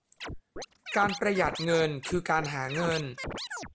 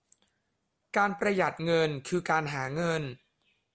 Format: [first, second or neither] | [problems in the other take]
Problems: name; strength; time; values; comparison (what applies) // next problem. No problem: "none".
second | background sound (Scratching (performance technique)); 9 dB below the speech